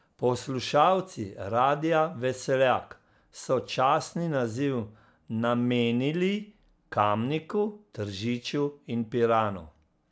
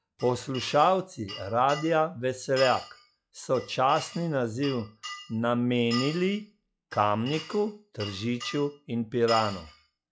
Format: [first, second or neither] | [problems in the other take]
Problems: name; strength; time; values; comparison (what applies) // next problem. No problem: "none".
first | noise reduction (classical method log-MMSE)